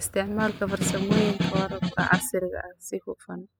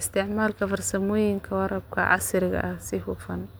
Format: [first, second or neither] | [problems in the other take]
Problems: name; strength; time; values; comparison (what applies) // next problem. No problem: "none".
second | noise reduction (classical method spectral subtraction)